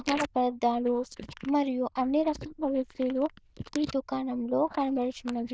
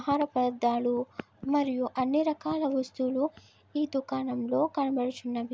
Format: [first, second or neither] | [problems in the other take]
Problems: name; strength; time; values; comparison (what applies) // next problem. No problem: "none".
second | noise reduction (neural diffusion model UNIVERSE++)